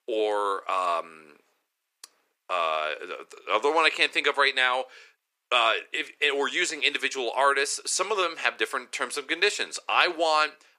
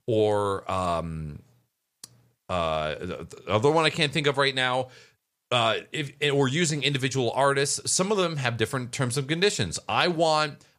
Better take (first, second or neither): second